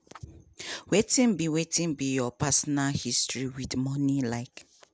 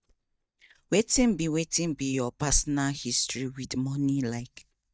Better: first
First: none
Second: noise reduction (neural mask model DeepFilterNet 3)

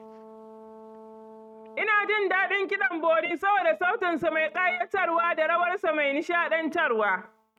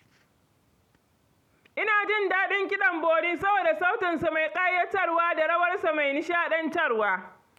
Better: second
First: noise reduction (neural mask model RNNoise)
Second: none

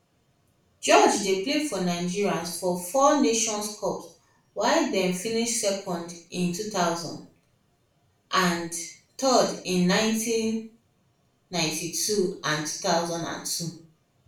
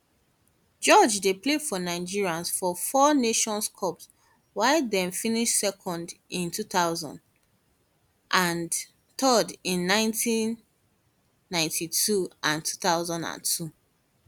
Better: second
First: room echo; dies away in 0.4 s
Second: none

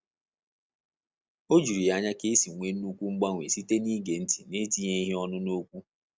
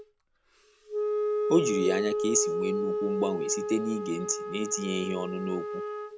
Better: first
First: none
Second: background sound (Wind instrument, woodwind instrument); as loud as the speech

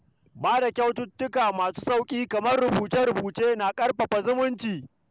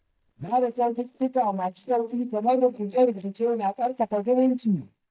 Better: first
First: none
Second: noise reduction (neural mask model DeepFilterNet 3)

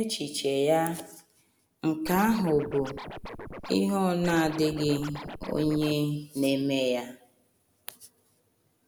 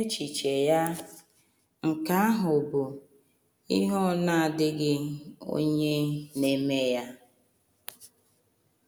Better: second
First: background sound (Scratching (performance technique)); 12 dB below the speech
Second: none

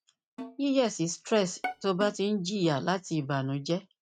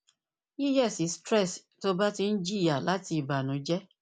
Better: second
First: noise reduction (neural mask model RNNoise)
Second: none

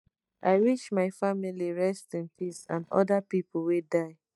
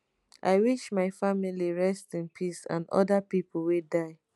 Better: second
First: noise reduction (neural mask model DeepFilterNet 3)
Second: none

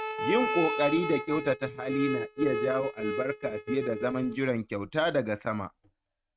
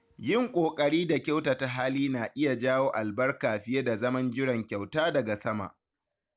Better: second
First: noise reduction (neural mask model RNNoise)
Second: none

